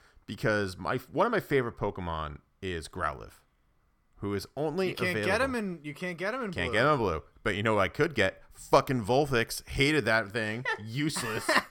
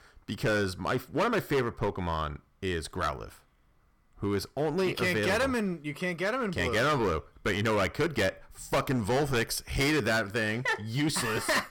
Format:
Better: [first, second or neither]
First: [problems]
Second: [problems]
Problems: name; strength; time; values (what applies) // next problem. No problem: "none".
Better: first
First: none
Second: distortion; heavy; 10% of the sound clipped